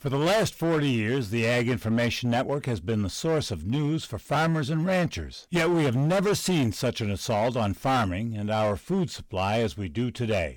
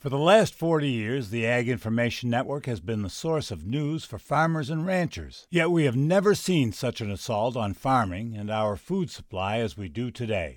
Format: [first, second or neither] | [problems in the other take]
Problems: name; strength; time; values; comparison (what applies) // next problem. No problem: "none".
second | distortion; heavy; 14% of the sound clipped